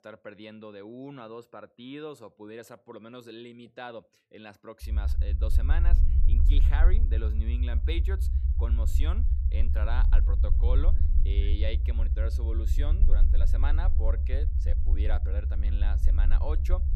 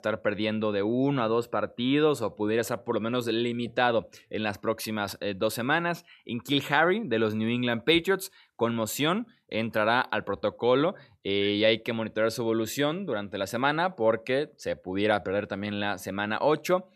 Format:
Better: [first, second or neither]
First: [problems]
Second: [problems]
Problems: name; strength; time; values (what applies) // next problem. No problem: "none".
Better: second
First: low rumble; loud; from 5 s on; 5 dB below the speech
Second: none